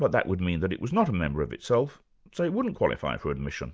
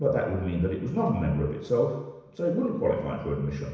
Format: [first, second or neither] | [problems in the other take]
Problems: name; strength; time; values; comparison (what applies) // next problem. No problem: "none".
first | room echo; dies away in 1 s